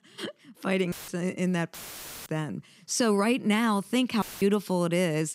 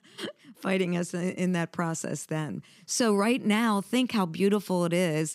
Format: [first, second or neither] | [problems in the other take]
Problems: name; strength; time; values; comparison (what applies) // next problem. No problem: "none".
second | audio cutting out; filled with static; at 1 s, at 1.5 s for 0.5 s and at 4 s